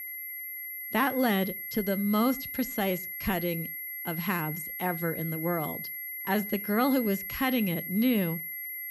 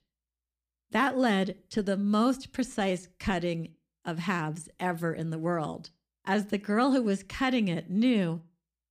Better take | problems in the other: second | high-pitched whine; loud; throughout; 2 kHz, 5 dB below the speech

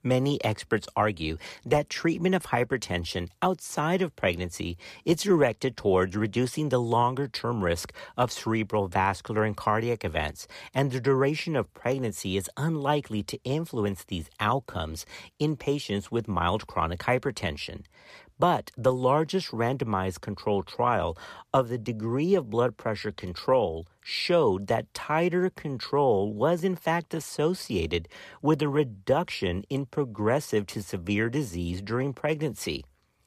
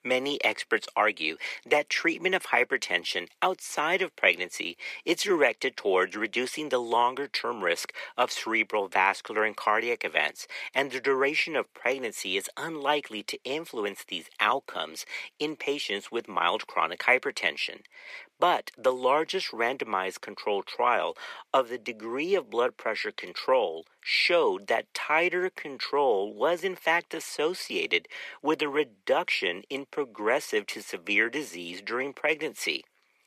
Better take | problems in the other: first | thin; somewhat; fading below 350 Hz

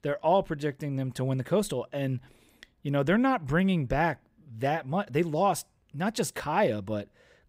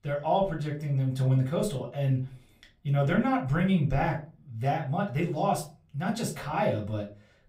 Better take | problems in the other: first | off-mic speech; far // room echo; very slight; dies away in 0.3 s

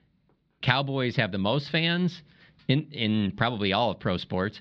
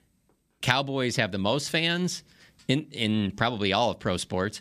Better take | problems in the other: second | muffled; very slightly; fading above 4 kHz

